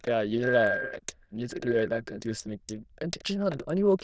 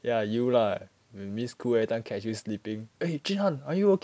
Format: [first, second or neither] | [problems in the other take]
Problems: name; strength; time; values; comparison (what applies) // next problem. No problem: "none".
second | noise reduction (neural diffusion model UNIVERSE++)